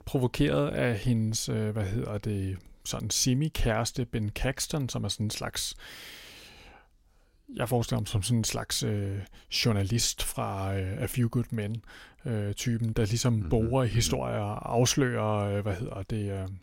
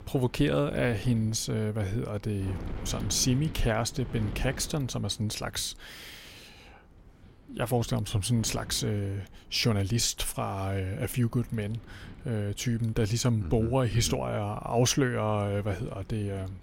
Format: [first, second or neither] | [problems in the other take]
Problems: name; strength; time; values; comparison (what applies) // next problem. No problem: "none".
first | wind noise on the microphone; occasional gusts; 20 dB below the speech